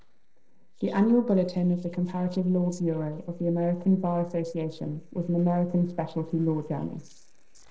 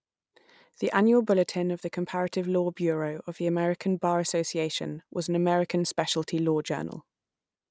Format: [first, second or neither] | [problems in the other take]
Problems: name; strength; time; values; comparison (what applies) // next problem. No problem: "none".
second | noise reduction (neural separator model SepFormer DNS4)